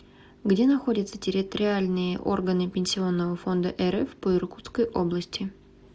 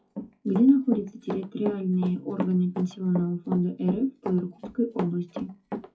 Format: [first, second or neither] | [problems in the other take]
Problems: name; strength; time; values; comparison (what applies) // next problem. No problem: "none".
first | noise reduction (classical method WPE with log-MMSE)